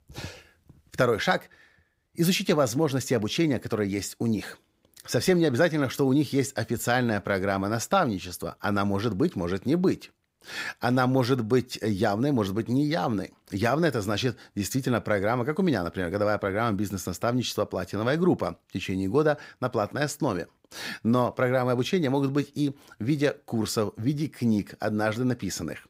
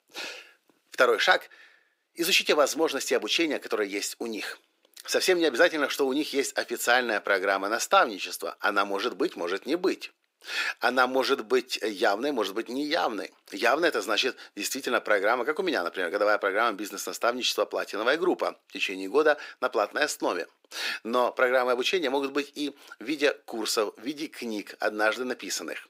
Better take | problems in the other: first | thin; somewhat; fading below 350 Hz

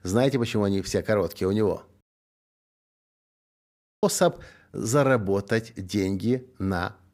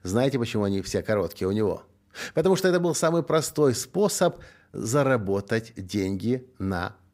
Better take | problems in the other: second | audio cutting out; at 2 s for 2 s

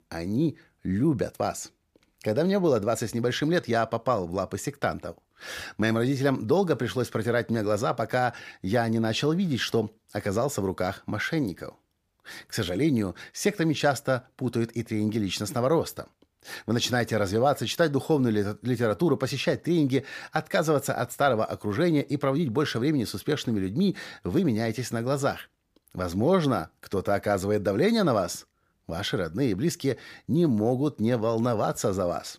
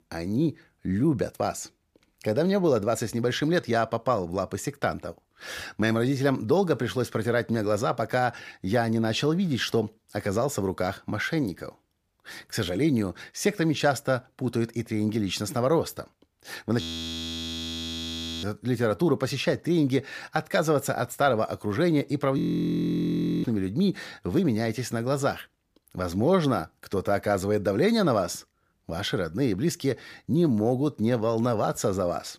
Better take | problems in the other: first | audio freezing; at 17 s for 1.5 s and at 22 s for 1 s

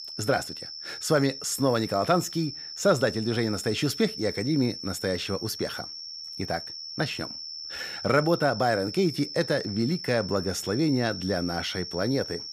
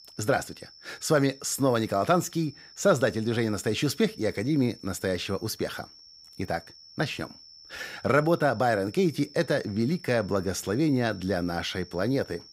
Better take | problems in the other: second | high-pitched whine; loud; throughout; 5.5 kHz, 9 dB below the speech; faint in the second

